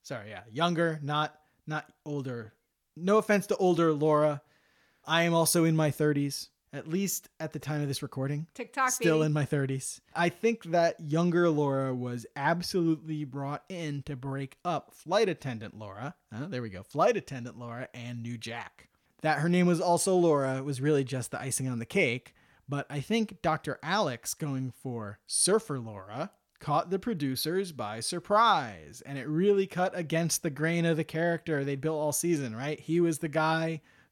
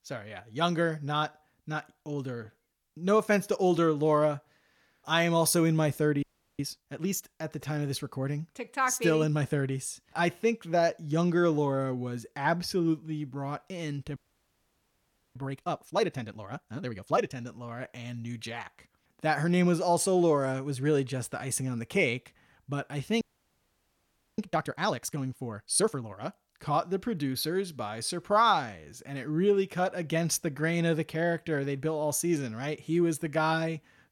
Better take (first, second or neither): first